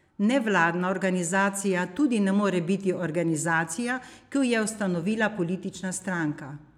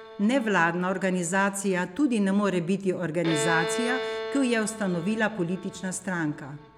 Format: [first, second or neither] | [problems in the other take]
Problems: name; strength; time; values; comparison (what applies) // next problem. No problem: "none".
first | background sound (Bowed string instrument); 10 dB below the speech